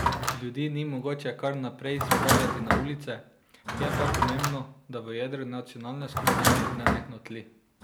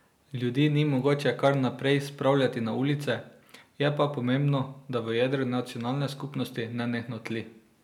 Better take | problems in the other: second | background sound (Drawer open or close); 4 dB above the speech

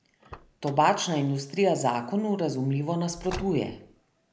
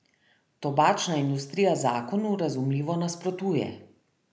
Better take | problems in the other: second | background sound (Car); 18 dB below the speech

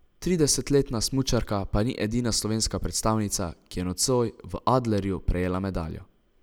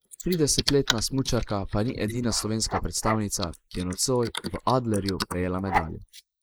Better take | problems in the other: first | noise reduction (neural mask model Resemble Enhance denoiser)

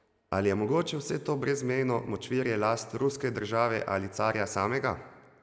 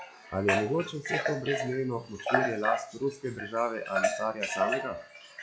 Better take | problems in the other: first | noise reduction (classical method log-MMSE)

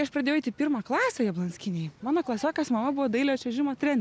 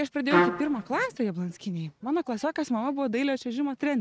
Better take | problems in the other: first | noise reduction (neural mask model RNNoise)

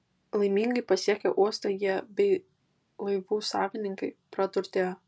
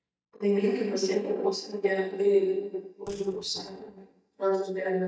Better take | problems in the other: first | noise reduction (neural mask model DeepFilterNet 3)

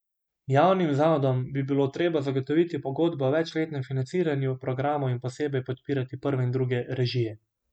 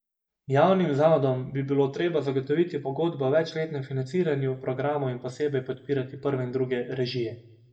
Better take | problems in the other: first | room echo; dies away in 0.6 s

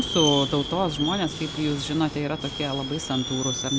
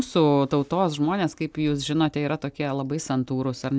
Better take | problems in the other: second | background sound (Subway, metro, underground); 5 dB below the speech

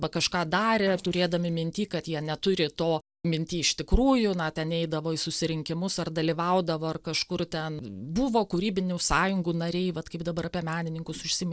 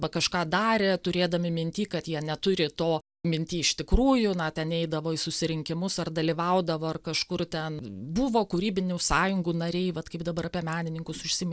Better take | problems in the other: second | noise reduction (neural separator model SepFormer DNS4)

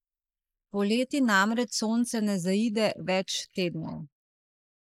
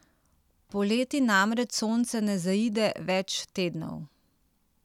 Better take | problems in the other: second | noise reduction (neural mask model Resemble Enhance denoiser)

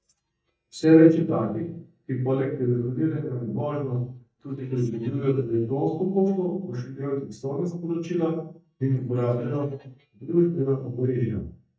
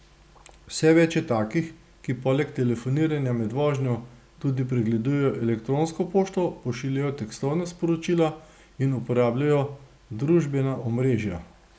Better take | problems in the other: second | noise reduction (neural mask model DeepFilterNet 3)

